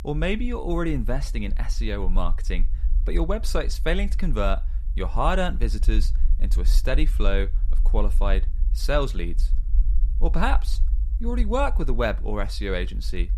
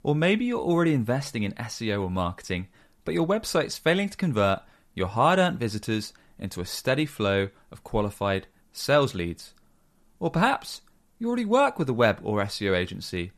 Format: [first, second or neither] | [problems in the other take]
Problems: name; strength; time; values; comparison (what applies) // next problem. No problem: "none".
second | low rumble; faint; throughout; 20 dB below the speech